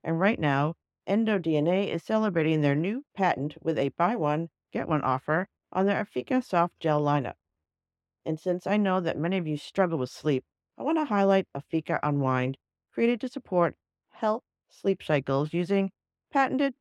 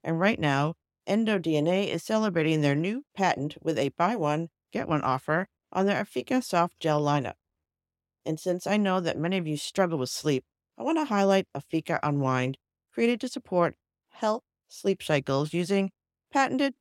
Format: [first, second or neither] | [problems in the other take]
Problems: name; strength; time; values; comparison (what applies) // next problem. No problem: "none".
second | muffled; slightly; fading above 4 kHz